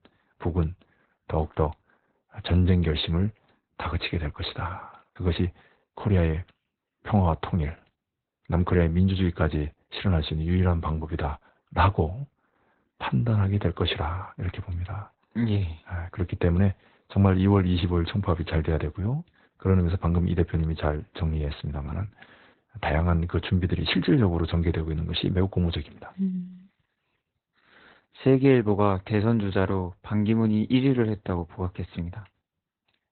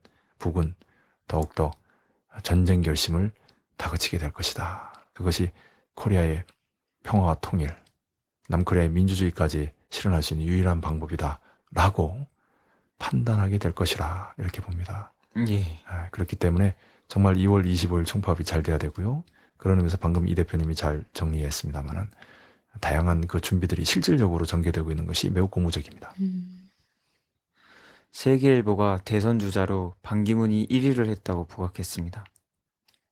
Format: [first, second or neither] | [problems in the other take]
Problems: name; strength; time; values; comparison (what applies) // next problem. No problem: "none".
second | garbled, watery; badly; nothing above 4 kHz; slightly in the second